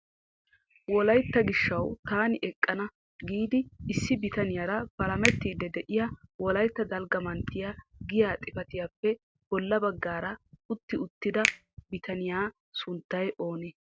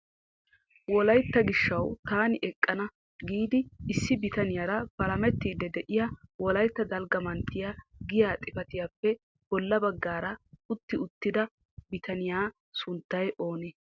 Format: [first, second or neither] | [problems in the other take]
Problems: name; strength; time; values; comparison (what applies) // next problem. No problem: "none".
second | background sound (Finger snapping); 7 dB below the speech